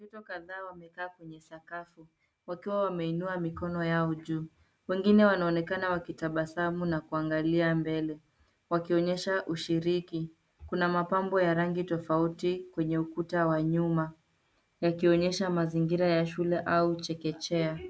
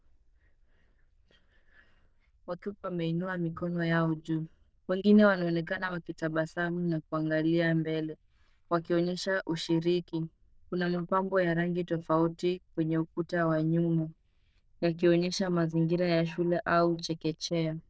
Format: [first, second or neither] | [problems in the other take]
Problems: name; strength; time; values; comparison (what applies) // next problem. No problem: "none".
first | noise reduction (neural diffusion model UNIVERSE++)